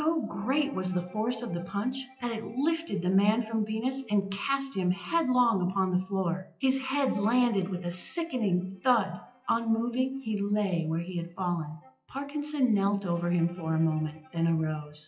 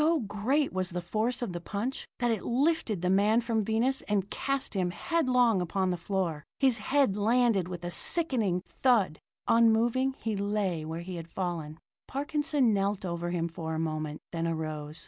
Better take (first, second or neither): second